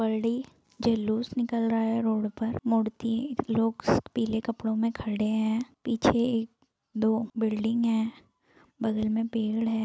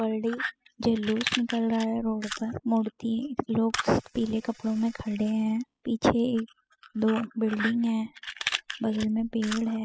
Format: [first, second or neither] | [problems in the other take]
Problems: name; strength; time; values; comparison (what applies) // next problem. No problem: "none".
first | noise reduction (classical method spectral subtraction)